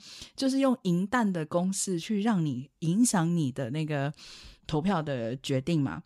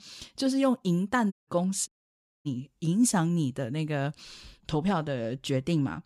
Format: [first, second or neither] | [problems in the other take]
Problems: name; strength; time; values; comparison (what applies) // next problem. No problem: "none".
first | audio cutting out; at 1.5 s and at 2 s for 0.5 s